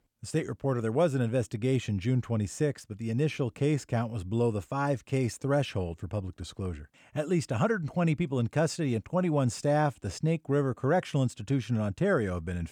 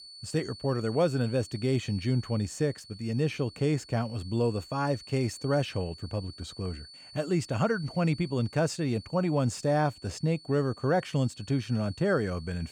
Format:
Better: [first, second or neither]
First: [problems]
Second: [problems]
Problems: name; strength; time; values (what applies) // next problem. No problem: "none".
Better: first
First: none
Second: high-pitched whine; noticeable; throughout; 4.5 kHz, 15 dB below the speech